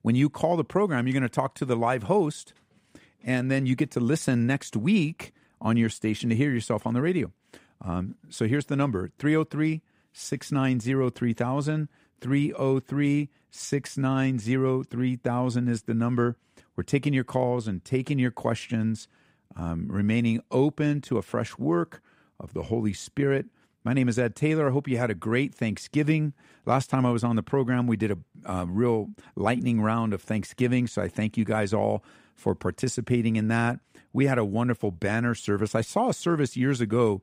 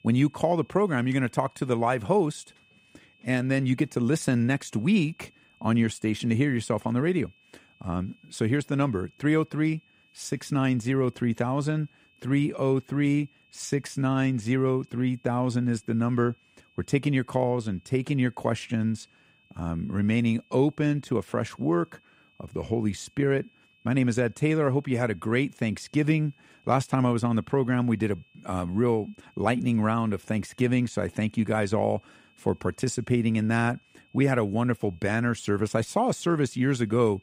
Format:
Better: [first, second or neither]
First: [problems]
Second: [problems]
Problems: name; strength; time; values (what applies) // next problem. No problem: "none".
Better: first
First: none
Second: high-pitched whine; faint; throughout; 2.5 kHz, 35 dB below the speech